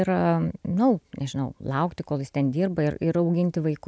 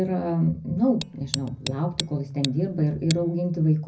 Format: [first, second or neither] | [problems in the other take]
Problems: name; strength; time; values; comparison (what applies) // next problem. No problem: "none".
first | background sound (Tick); 12 dB below the speech // room echo; dies away in 0.4 s